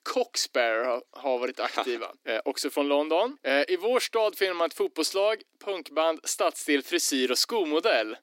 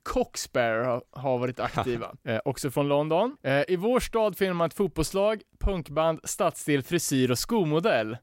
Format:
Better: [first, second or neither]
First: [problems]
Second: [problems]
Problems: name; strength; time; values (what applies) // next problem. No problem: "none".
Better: second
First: thin; very slightly; fading below 300 Hz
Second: none